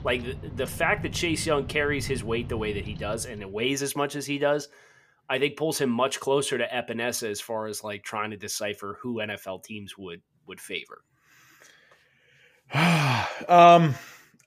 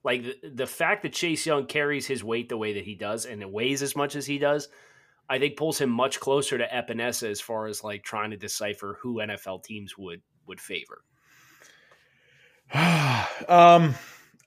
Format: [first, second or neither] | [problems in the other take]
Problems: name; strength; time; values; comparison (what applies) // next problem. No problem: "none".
second | animal sounds; noticeable; until 3.5 s; 15 dB below the speech